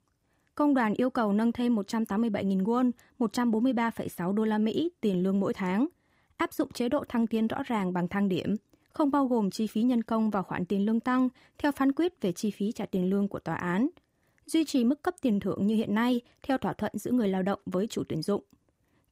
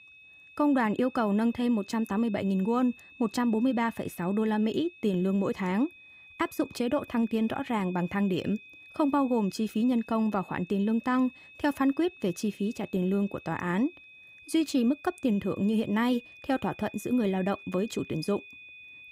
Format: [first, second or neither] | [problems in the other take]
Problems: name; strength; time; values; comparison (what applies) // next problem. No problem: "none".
first | high-pitched whine; faint; throughout; 2.5 kHz, 20 dB below the speech